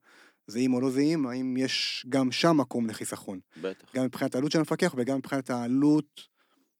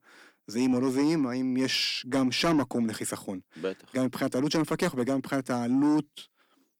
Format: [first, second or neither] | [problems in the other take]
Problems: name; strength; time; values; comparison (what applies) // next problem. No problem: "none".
first | distortion; slight; 10 dB below the speech